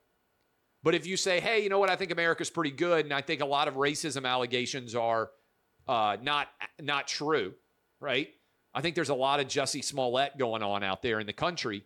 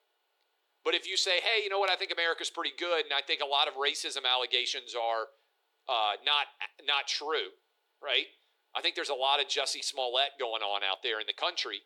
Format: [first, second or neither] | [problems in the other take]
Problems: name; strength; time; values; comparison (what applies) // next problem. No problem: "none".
first | thin; very; fading below 400 Hz